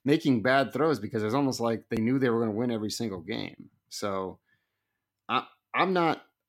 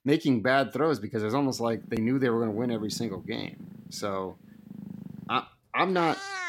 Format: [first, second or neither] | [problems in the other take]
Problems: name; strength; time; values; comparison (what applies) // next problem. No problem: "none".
first | animal sounds; noticeable; from 1.5 s on; 15 dB below the speech